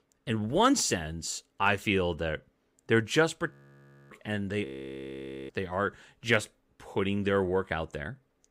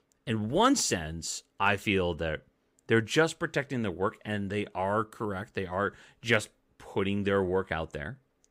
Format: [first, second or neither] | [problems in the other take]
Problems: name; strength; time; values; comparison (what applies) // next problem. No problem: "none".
second | audio freezing; at 3.5 s for 0.5 s and at 4.5 s for 1 s